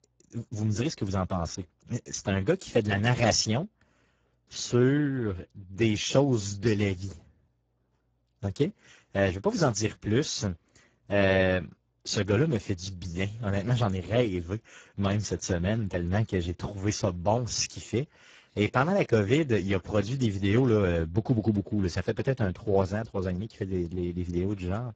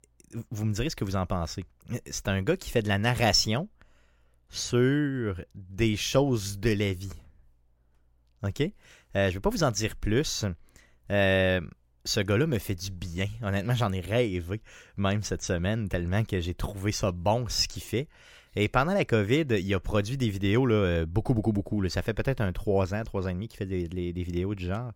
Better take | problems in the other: second | garbled, watery; badly

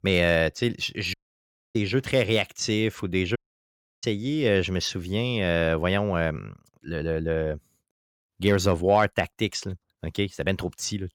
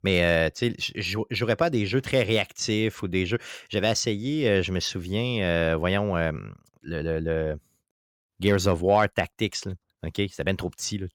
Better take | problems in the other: second | audio cutting out; at 1 s for 0.5 s and at 3.5 s for 0.5 s

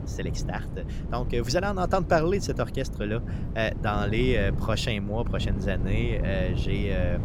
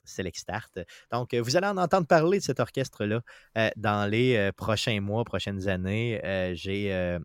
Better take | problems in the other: second | wind noise on the microphone; occasional gusts; 10 dB below the speech

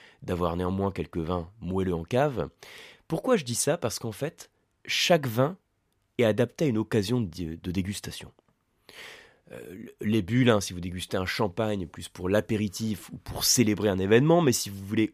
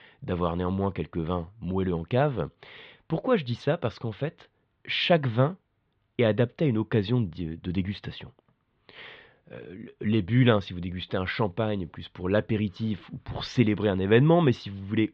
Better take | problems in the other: first | muffled; very; fading above 4 kHz

